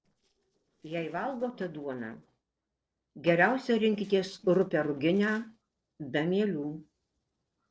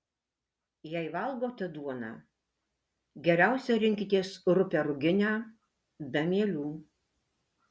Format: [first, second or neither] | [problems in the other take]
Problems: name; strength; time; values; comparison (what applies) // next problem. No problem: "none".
second | noise reduction (neural separator model SepFormer DNS4)